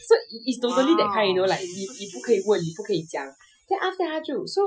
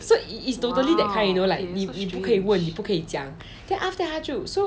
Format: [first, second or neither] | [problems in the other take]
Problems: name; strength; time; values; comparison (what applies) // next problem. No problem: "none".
second | noise reduction (classical method Wiener filter)